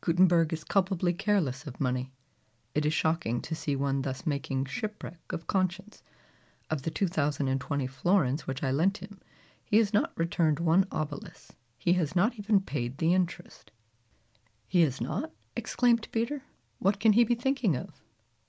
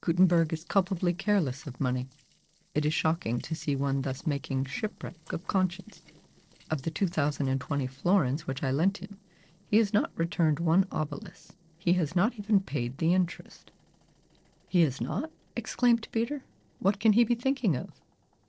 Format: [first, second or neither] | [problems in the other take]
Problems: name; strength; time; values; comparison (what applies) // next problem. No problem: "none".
first | noise reduction (neural separator model SepFormer DNS4)